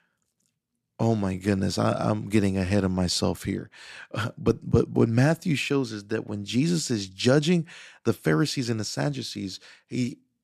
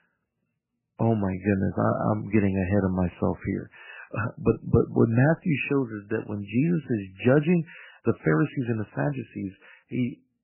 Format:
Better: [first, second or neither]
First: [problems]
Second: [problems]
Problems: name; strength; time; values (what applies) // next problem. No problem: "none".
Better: first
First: none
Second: garbled, watery; badly; nothing above 2.5 kHz